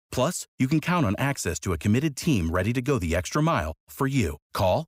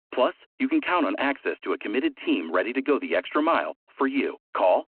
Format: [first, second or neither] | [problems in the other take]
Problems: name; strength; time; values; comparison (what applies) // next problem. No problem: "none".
first | phone-call audio